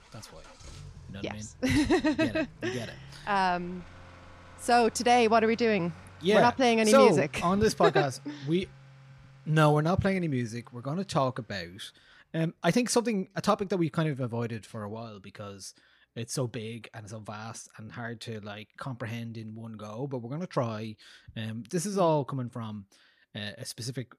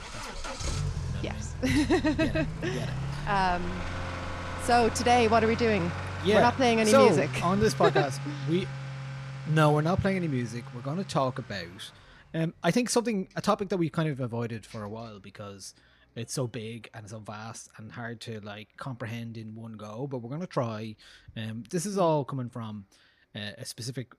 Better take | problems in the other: first | traffic noise; loud; throughout; 8 dB below the speech; faint in the first

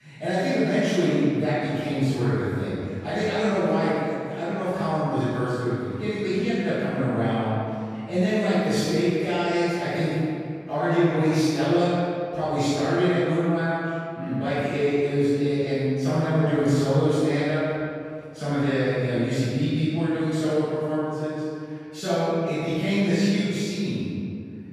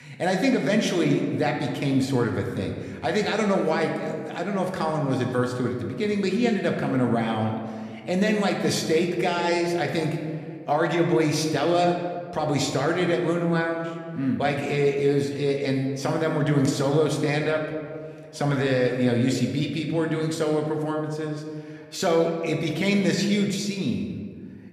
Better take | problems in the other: second | room echo; strong; dies away in 2.1 s; slight in the second // off-mic speech; far

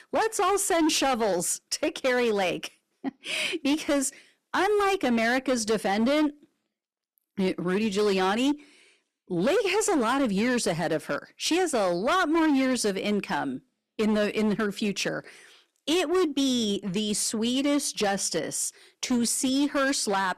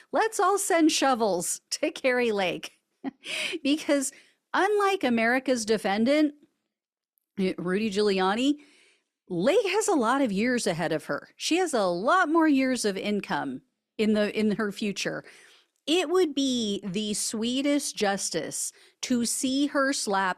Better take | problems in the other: second | distortion; slight; 12% of the sound clipped

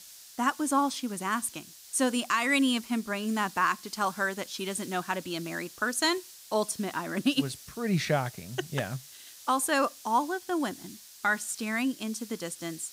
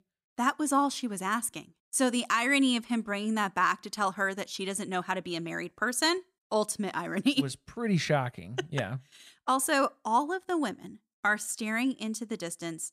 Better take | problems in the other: second | hiss; noticeable; throughout; 15 dB below the speech

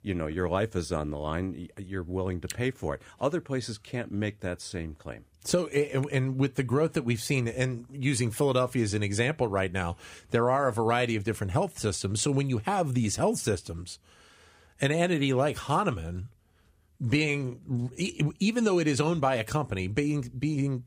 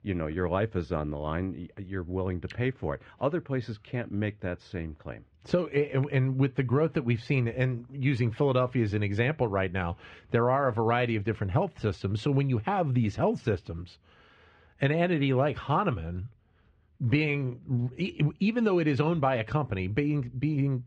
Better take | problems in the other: first | muffled; slightly; fading above 3 kHz

